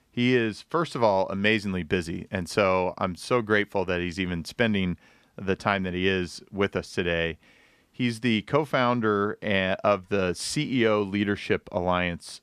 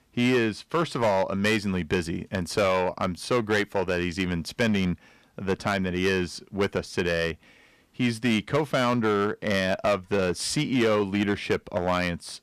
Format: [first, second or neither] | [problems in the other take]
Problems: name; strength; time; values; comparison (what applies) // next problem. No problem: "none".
first | distortion; slight; 6% of the sound clipped